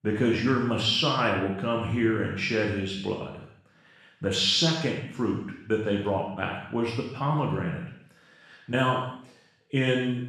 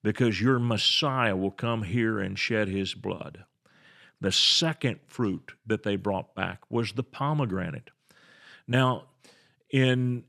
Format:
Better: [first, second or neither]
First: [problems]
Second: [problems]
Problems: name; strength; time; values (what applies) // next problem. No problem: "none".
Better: second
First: room echo; noticeable; dies away in 0.7 s // off-mic speech; far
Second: none